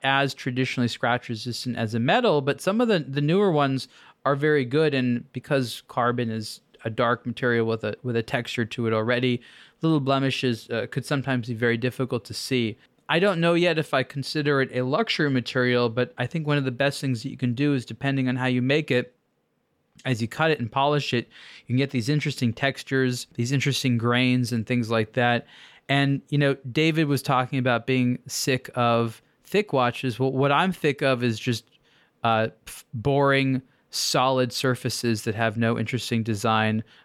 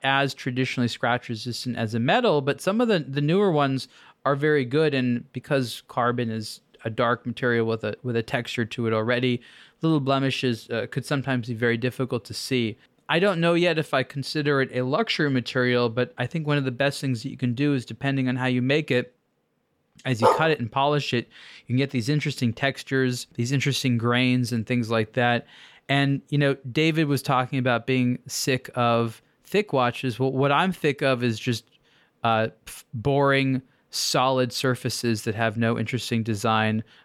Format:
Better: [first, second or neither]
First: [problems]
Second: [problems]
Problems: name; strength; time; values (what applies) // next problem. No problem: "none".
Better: first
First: none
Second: dog barking; loud; at 20 s; peak 3 dB above the speech